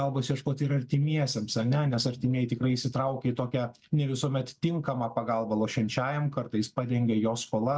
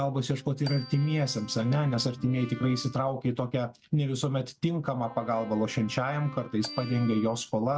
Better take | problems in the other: first | background sound (Marimba, xylophone + Brass instrument); 17 dB below the speech

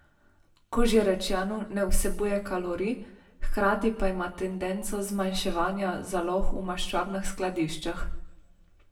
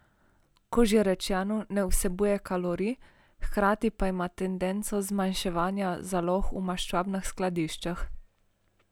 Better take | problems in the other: second | room echo; dies away in 0.6 s

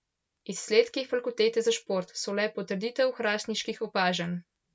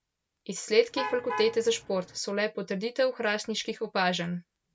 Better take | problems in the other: first | background sound (Alarm / Truck); 8 dB below the speech

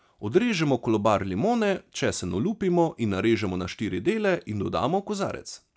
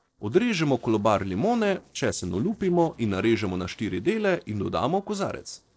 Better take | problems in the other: first | noise reduction (neural separator model SepFormer DNS4)

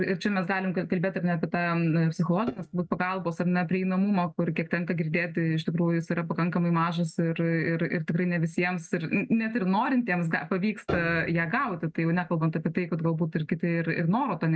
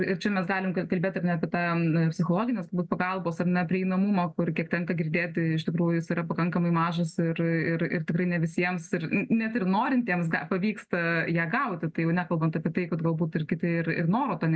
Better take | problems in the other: second | noise reduction (neural mask model RNNoise)

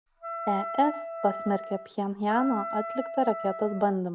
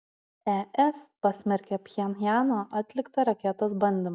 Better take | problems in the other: second | background sound (Wind instrument, woodwind instrument); 8 dB below the speech

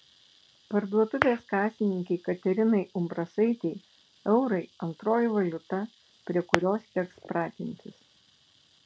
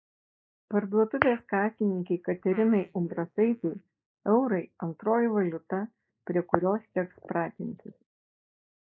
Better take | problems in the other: first | noise reduction (neural mask model Resemble Enhance denoiser)

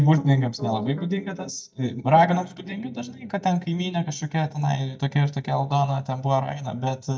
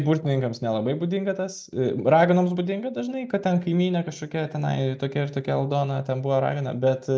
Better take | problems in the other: second | noise reduction (neural mask model DeepFilterNet 3)

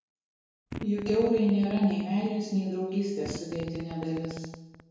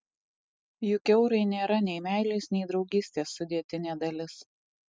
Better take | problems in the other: second | background sound (Fart); 13 dB below the speech // room echo; dies away in 0.9 s

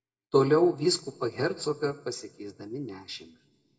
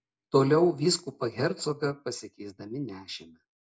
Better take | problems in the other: second | room echo; dies away in 1.4 s

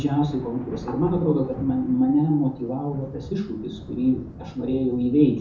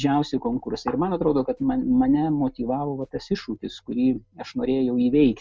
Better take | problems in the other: second | background sound (Thunder); 16 dB below the speech // room echo; dies away in 0.6 s

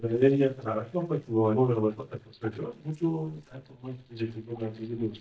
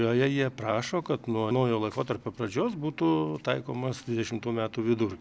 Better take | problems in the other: second | noise reduction (neural mask model DeepFilterNet 3)

